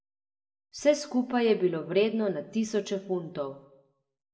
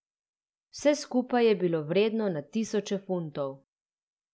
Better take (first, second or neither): second